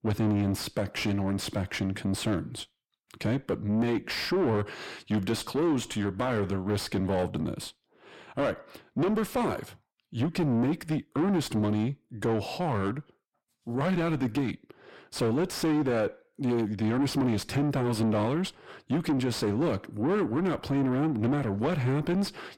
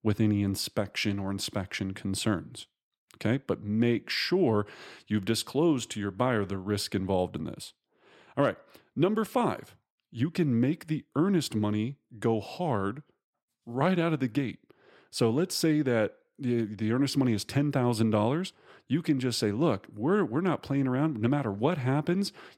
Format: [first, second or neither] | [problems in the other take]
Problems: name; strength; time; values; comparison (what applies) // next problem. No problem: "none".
second | distortion; heavy; 6 dB below the speech